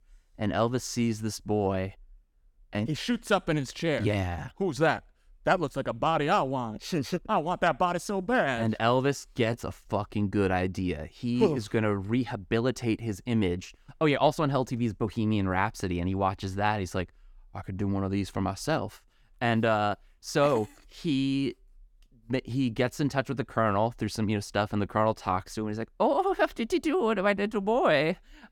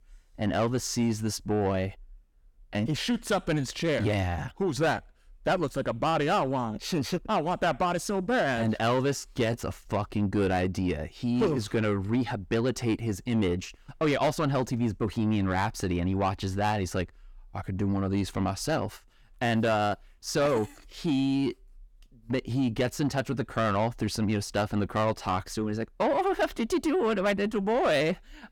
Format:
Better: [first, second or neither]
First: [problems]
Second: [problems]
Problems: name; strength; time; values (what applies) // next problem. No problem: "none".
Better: first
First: none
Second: distortion; slight; 10 dB below the speech